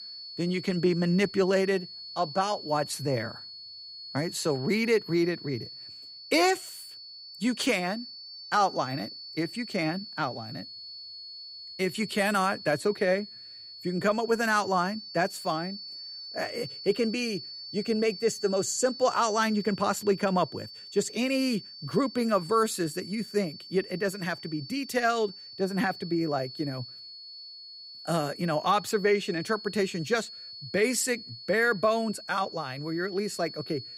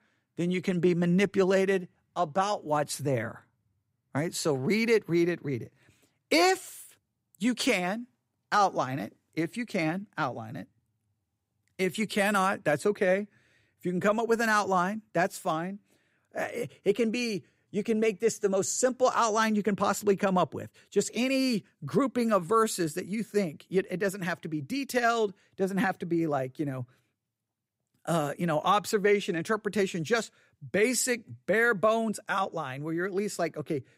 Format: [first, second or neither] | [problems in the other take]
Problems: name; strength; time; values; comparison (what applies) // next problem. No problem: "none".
second | high-pitched whine; noticeable; throughout; 4.5 kHz, 10 dB below the speech